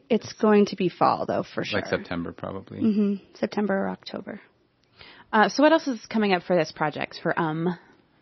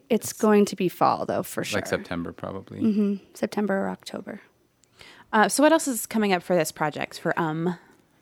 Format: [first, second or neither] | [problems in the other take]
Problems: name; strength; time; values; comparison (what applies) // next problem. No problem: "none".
second | garbled, watery; slightly; nothing above 6 kHz